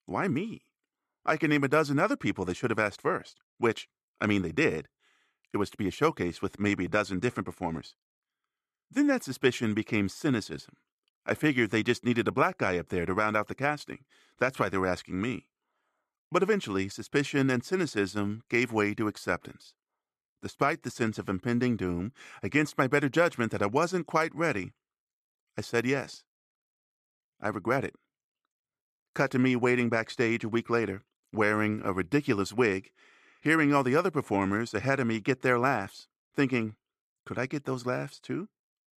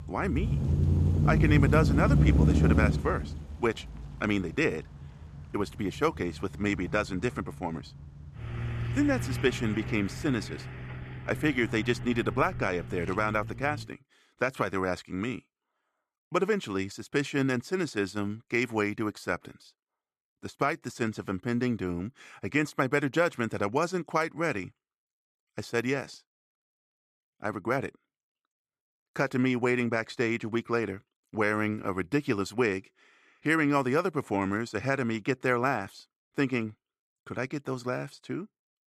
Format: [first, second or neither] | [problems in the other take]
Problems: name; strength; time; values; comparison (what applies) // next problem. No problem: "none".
first | traffic noise; very loud; until 14 s; 1 dB above the speech